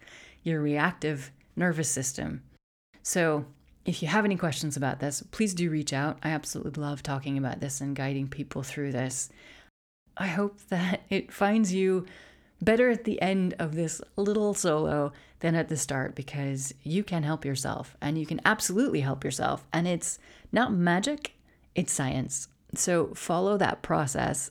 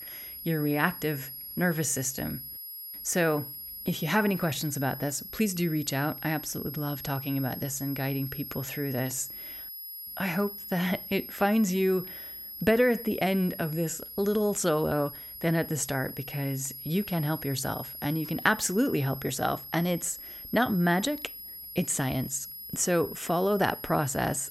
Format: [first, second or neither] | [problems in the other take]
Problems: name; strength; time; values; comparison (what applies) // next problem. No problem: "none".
first | high-pitched whine; loud; throughout; 11.5 kHz, 10 dB below the speech